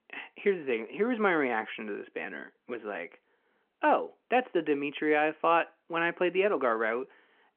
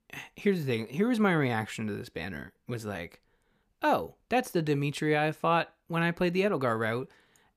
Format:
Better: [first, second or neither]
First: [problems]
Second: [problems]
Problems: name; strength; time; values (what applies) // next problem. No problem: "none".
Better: second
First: phone-call audio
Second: none